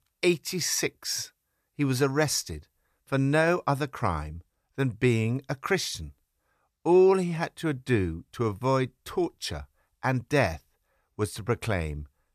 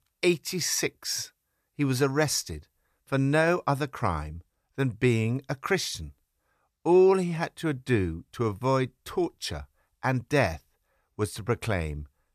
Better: neither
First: none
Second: none

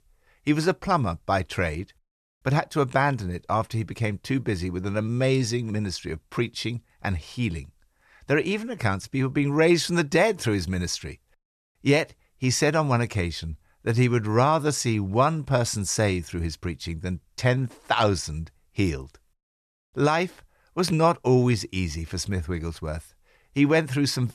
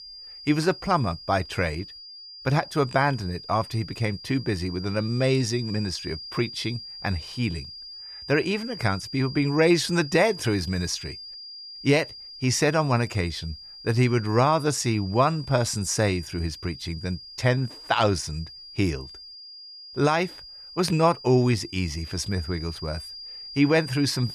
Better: first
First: none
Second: high-pitched whine; noticeable; throughout; 5 kHz, 15 dB below the speech

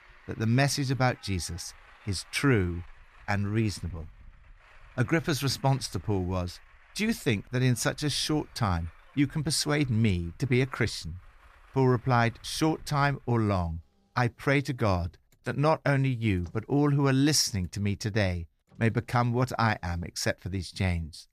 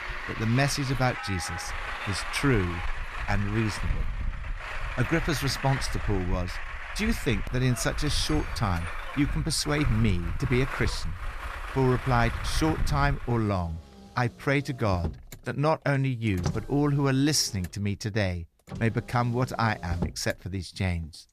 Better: first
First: traffic noise; faint; throughout; 25 dB below the speech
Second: traffic noise; loud; throughout; 7 dB below the speech

